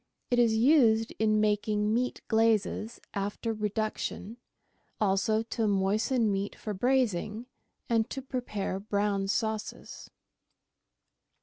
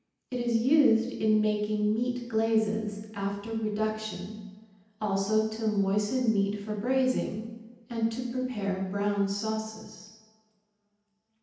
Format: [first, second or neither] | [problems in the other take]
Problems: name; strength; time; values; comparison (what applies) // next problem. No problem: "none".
first | room echo; dies away in 0.9 s